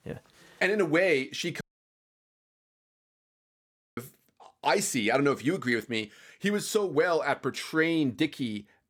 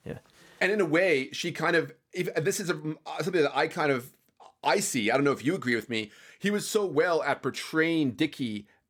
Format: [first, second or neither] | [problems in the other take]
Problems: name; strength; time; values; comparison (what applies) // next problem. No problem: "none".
second | audio cutting out; at 1.5 s for 2.5 s